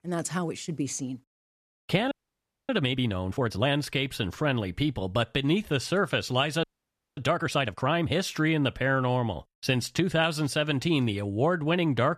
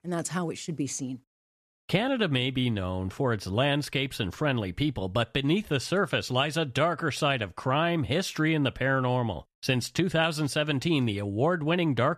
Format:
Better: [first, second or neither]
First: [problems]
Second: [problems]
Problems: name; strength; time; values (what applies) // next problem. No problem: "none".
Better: second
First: audio freezing; at 2 s for 0.5 s and at 6.5 s for 0.5 s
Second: none